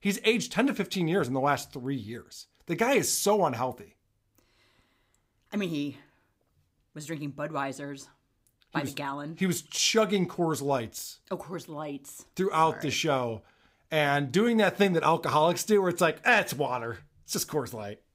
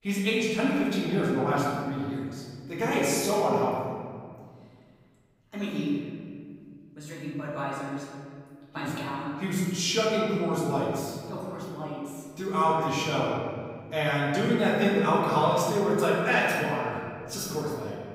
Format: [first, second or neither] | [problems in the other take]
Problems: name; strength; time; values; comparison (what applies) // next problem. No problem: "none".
first | room echo; strong; dies away in 1.9 s // off-mic speech; far